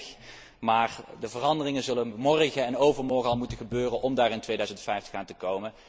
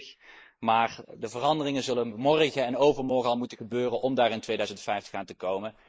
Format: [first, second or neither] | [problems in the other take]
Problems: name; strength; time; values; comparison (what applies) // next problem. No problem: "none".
first | noise reduction (neural mask model Resemble Enhance denoiser)